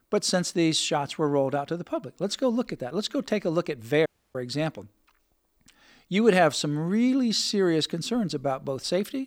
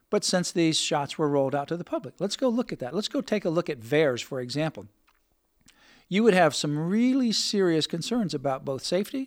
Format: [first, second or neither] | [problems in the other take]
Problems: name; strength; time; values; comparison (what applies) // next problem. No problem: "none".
second | audio cutting out; at 4 s